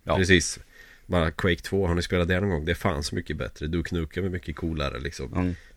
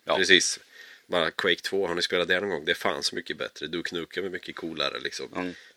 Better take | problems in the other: first | thin; somewhat; fading below 350 Hz

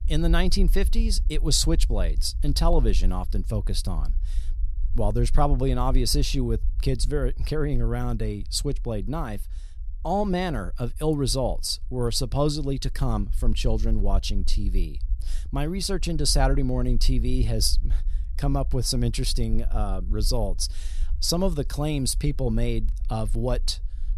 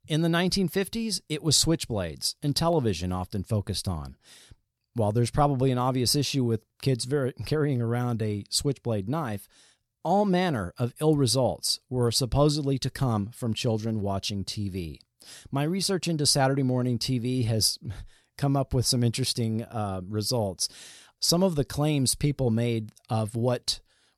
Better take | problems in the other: second | low rumble; faint; throughout; 25 dB below the speech

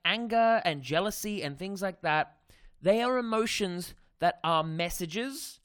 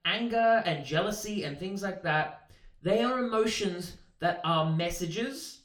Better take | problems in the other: first | room echo; very slight; dies away in 0.4 s // off-mic speech; somewhat distant

